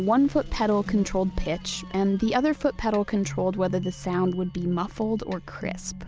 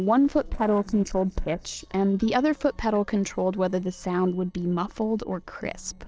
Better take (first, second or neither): first